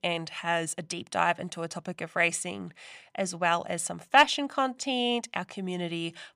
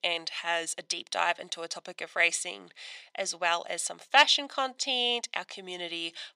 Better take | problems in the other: first | thin; somewhat; fading below 450 Hz

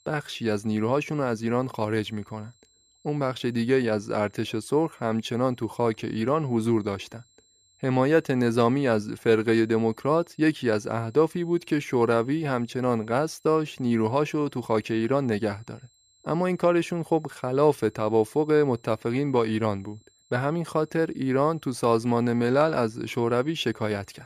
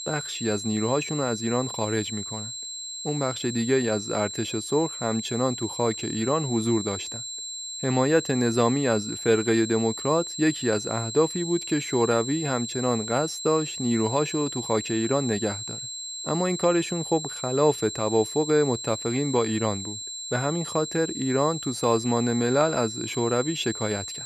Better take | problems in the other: first | high-pitched whine; loud; throughout; 4 kHz, 7 dB below the speech; faint in the first

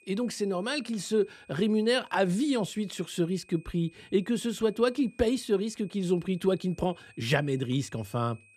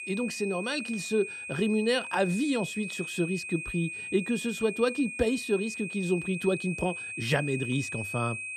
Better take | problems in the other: first | high-pitched whine; loud; throughout; 2.5 kHz, 6 dB below the speech; faint in the first

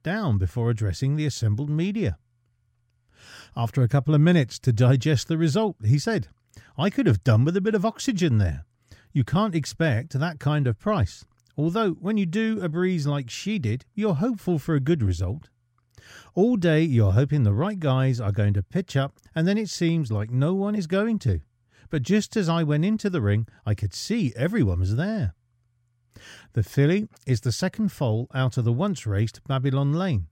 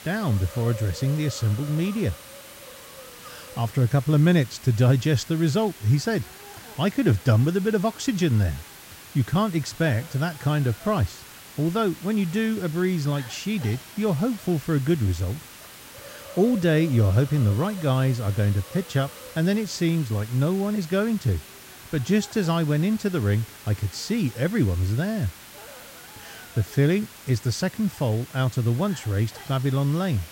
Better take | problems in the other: first | hiss; noticeable; throughout; 15 dB below the speech

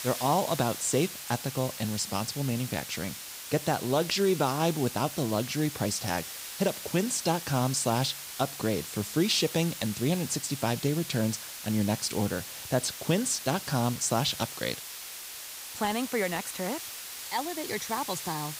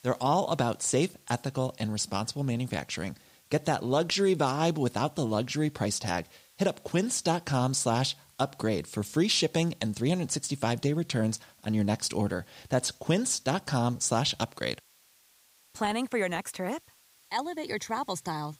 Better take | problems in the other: second | hiss; loud; throughout; 8 dB below the speech; faint in the second

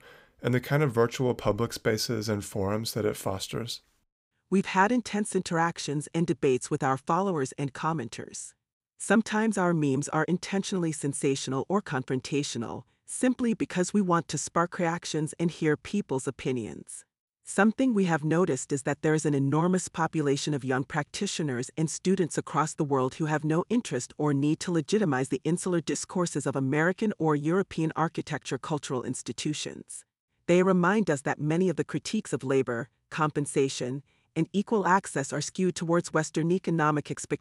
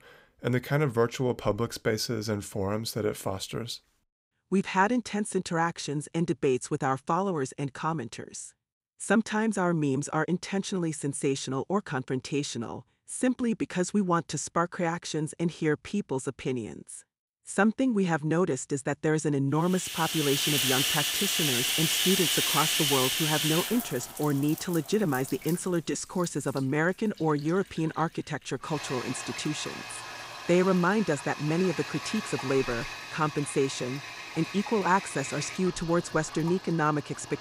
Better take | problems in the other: first | household noises; loud; from 20 s on; 1 dB below the speech

